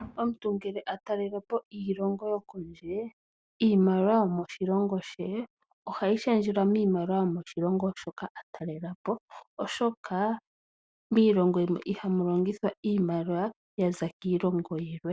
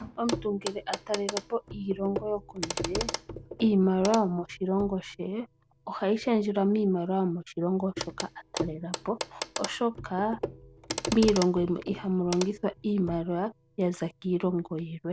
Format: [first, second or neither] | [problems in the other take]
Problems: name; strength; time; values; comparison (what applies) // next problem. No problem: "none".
first | background sound (Clock); 10 dB below the speech